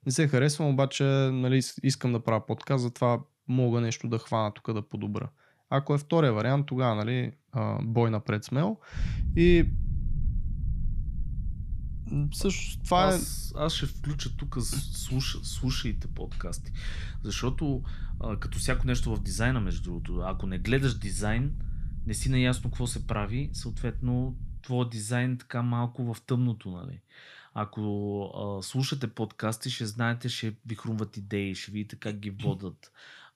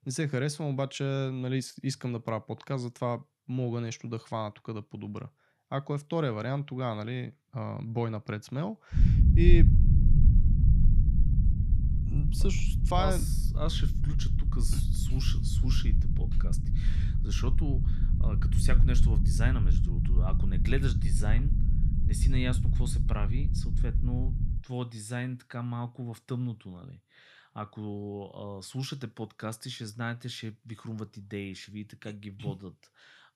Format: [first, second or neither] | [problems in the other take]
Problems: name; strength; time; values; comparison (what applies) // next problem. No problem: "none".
first | low rumble; loud; from 9 to 25 s; 5 dB below the speech; faint in the first